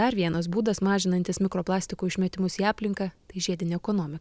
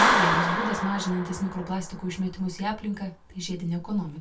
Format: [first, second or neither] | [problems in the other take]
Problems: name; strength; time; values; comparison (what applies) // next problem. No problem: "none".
first | background sound (Clapping); 1 dB above the speech // room echo; dies away in 0.2 s